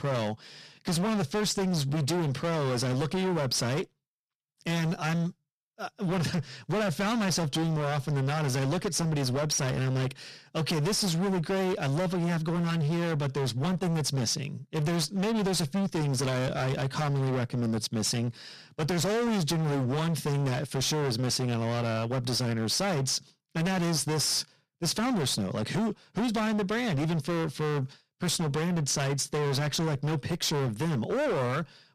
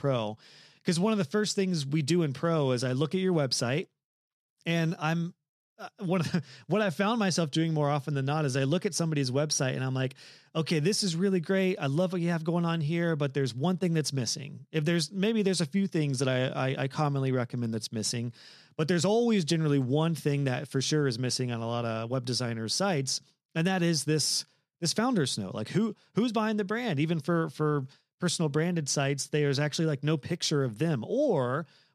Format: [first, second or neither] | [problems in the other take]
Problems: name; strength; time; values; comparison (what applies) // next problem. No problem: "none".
second | distortion; heavy; 33% of the sound clipped